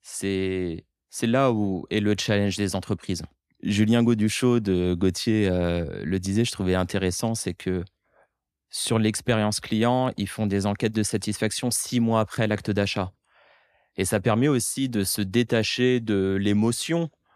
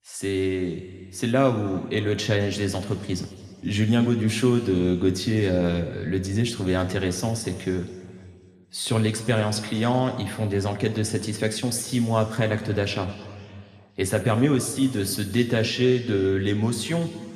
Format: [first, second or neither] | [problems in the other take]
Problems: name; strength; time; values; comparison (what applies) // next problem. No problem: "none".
first | room echo; slight; dies away in 1.8 s